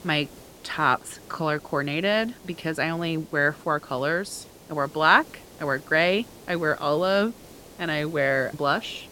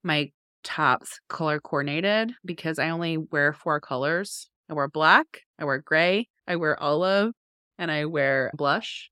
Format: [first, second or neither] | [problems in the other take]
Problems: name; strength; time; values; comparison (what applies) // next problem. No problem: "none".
second | hiss; faint; throughout; 20 dB below the speech